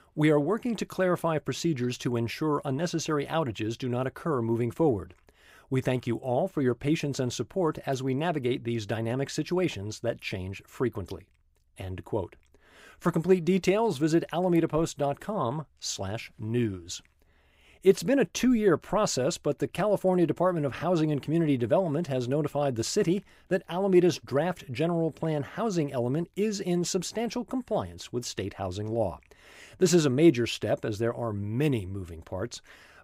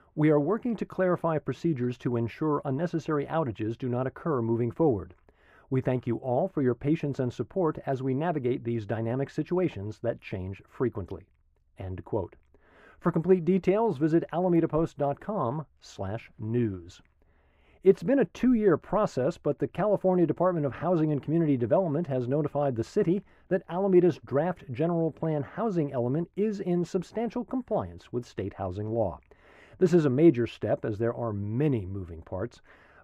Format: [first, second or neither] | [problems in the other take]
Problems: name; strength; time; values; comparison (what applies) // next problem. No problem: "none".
first | muffled; very; fading above 2.5 kHz